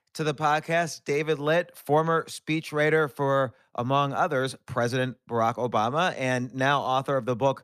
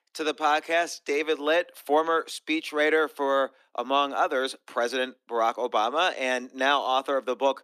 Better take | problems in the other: first | thin; somewhat; fading below 300 Hz

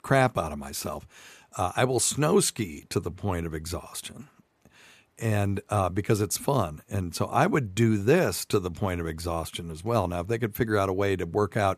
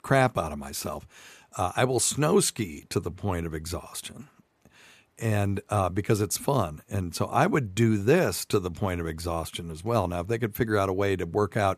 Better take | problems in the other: neither | none

